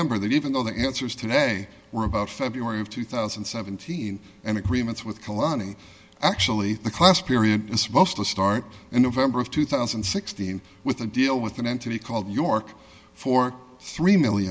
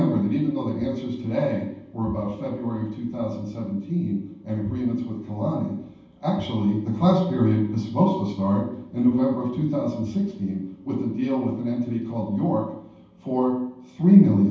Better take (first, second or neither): first